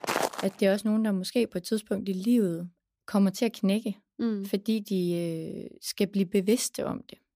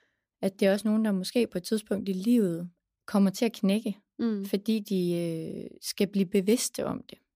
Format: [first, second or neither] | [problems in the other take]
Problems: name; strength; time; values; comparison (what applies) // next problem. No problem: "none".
second | footsteps; noticeable; at the start; peak 1 dB below the speech